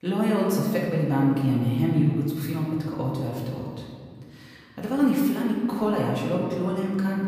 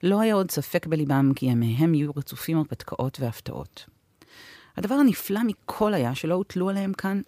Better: second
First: room echo; noticeable; dies away in 1.9 s // off-mic speech; far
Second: none

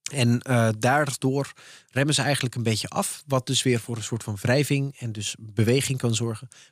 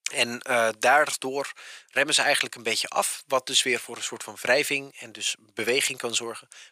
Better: first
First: none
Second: thin; very; fading below 600 Hz

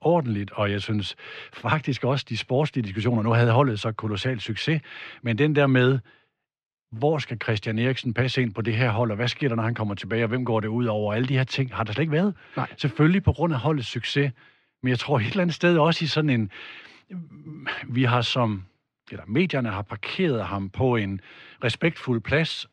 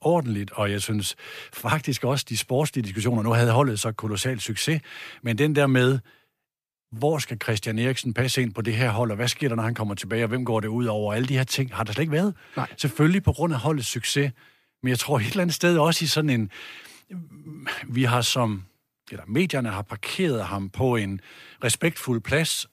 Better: second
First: muffled; slightly; fading above 4 kHz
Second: none

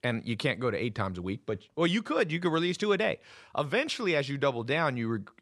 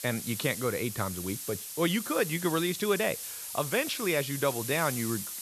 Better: first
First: none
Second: hiss; loud; throughout; 6 dB below the speech

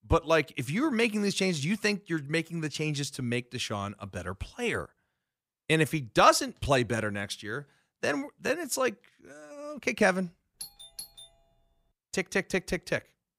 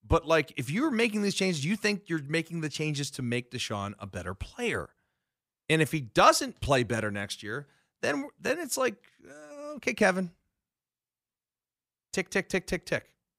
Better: second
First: doorbell; faint; at 11 s; peak 15 dB below the speech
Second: none

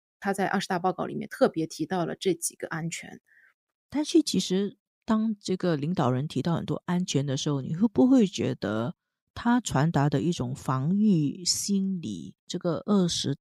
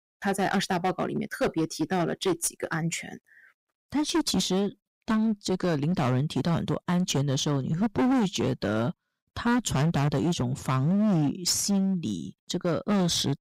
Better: first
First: none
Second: distortion; heavy; 16% of the sound clipped

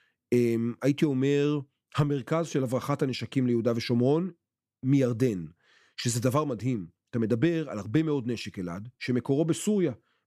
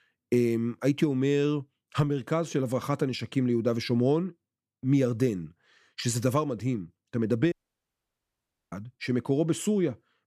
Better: first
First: none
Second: audio cutting out; at 7.5 s for 1 s

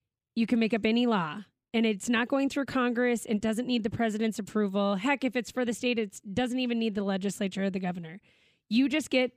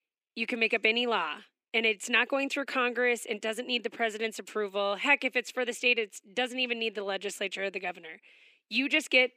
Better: first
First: none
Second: thin; somewhat; fading below 300 Hz

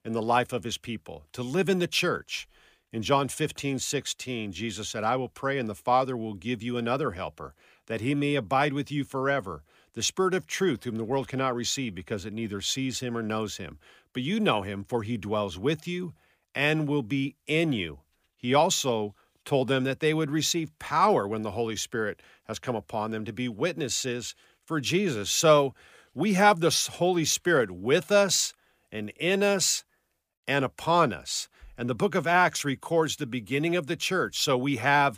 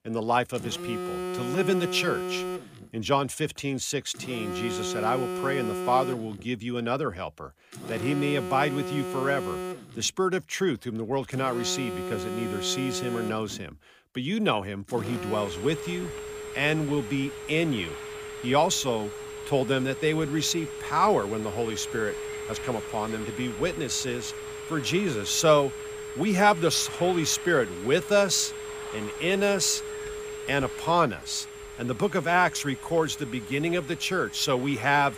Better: first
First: none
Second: alarms or sirens; loud; throughout; 9 dB below the speech

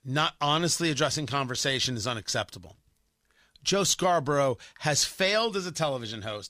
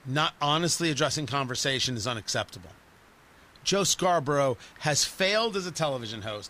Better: first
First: none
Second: hiss; faint; throughout; 30 dB below the speech

